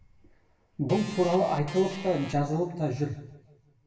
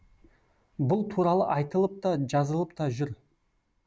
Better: second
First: background sound (Organ); 13 dB below the speech // room echo; dies away in 1 s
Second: none

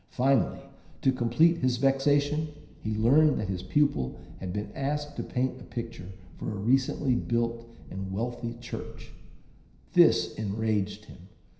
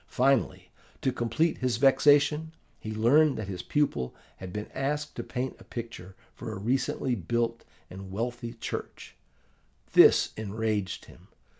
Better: second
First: background sound (Thunderstorm); 16 dB below the speech // room echo; dies away in 0.9 s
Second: none

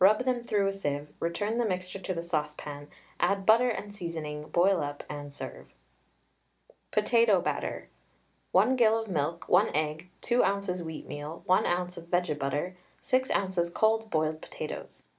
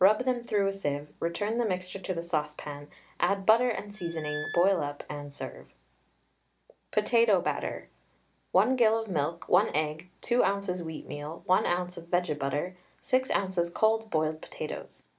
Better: first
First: none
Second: background sound (Squeak); 12 dB below the speech

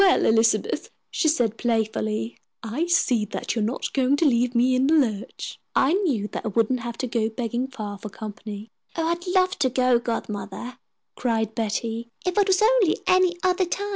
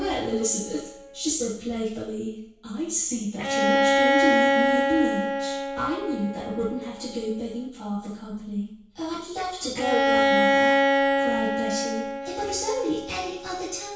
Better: first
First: none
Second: background sound (Bowed string instrument); 3 dB above the speech // room echo; dies away in 0.6 s

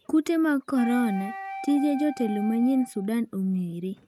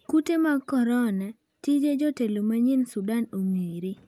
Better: second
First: noise reduction (neural mask model RNNoise)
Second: none

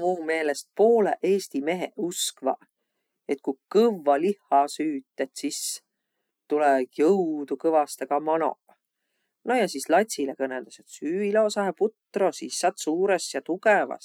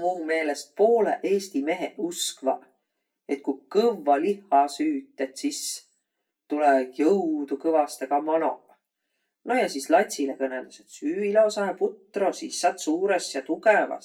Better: first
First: none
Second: room echo; dies away in 0.2 s

